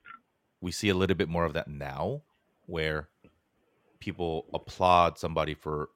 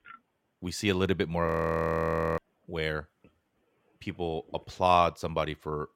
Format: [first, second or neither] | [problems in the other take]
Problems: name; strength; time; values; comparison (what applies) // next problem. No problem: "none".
first | audio freezing; at 1.5 s for 1 s